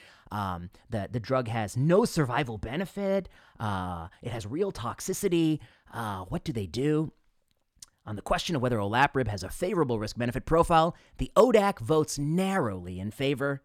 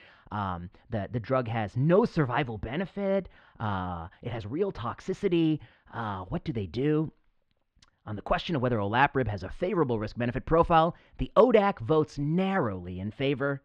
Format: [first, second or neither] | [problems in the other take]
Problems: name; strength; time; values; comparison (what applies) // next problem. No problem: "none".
first | muffled; slightly; fading above 3.5 kHz